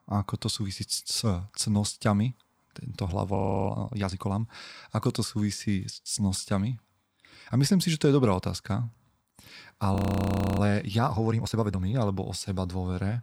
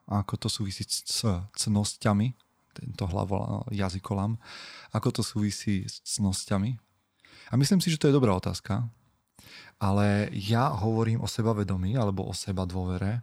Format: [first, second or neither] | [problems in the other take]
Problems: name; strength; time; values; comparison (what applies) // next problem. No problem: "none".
second | audio freezing; at 3.5 s and at 10 s for 0.5 s